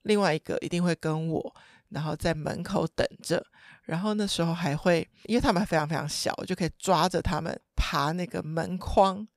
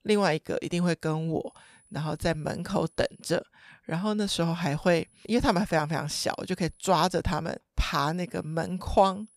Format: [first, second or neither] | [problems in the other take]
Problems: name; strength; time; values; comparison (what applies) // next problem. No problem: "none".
first | high-pitched whine; faint; from 1.5 to 3.5 s, from 4.5 to 7 s and from 8 s on; 10 kHz, 30 dB below the speech